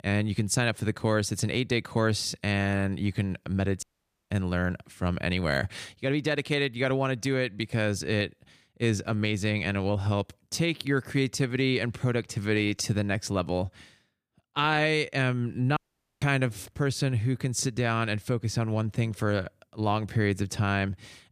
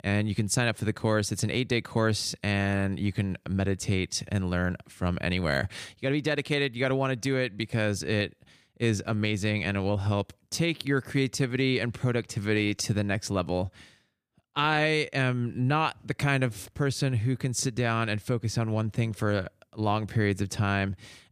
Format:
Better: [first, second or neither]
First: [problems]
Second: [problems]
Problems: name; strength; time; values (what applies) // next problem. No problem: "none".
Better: second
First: audio cutting out; at 4 s and at 16 s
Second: none